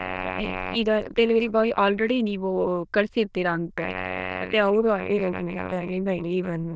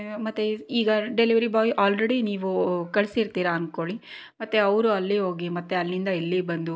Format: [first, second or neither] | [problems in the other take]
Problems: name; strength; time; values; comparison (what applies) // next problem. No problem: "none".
second | noise reduction (neural diffusion model UNIVERSE++)